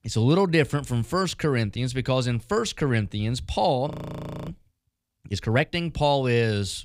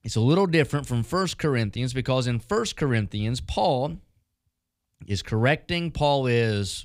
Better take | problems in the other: second | audio freezing; at 4 s for 0.5 s

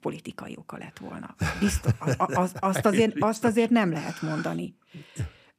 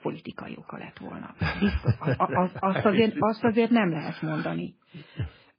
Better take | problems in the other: first | garbled, watery; badly; nothing above 5 kHz

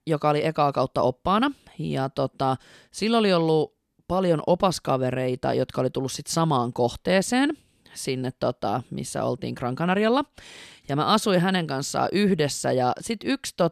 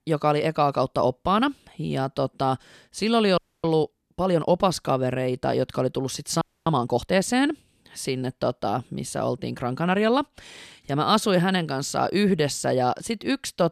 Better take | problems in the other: first | audio freezing; at 3.5 s and at 6.5 s

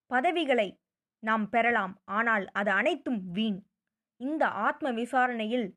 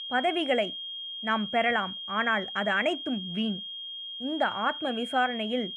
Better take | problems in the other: first | high-pitched whine; loud; throughout; 3 kHz, 7 dB below the speech

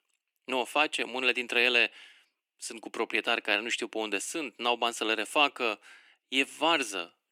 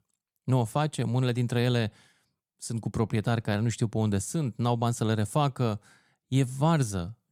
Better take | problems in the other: second | thin; very; fading below 300 Hz

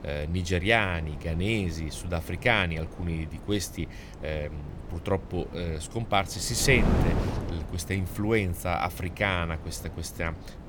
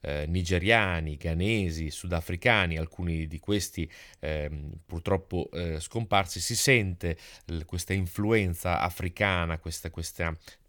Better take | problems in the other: second | wind noise on the microphone; occasional gusts; 15 dB below the speech

